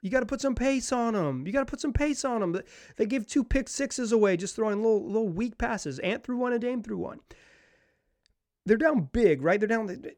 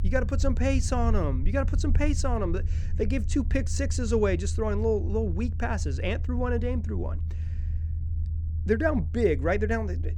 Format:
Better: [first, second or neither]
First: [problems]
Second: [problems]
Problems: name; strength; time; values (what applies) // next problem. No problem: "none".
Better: first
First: none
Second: low rumble; noticeable; throughout; 15 dB below the speech